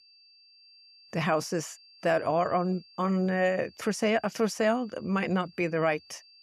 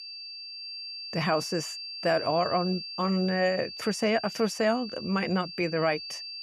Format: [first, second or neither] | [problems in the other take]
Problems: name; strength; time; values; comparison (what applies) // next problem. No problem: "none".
first | high-pitched whine; loud; throughout; 4.5 kHz, 8 dB below the speech; faint in the first